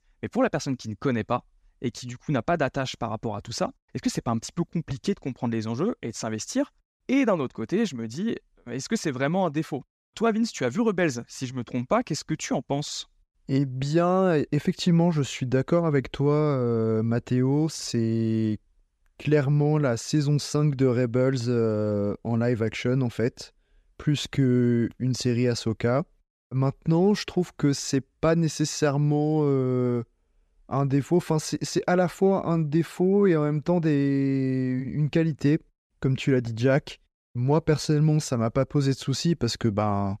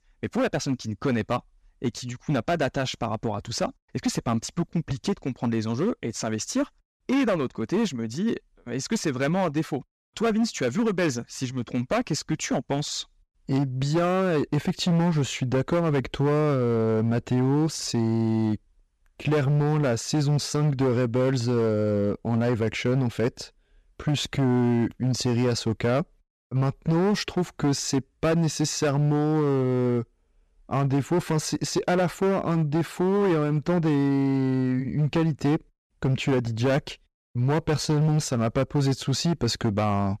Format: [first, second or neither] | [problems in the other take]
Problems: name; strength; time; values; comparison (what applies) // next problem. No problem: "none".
first | distortion; slight; 13% of the sound clipped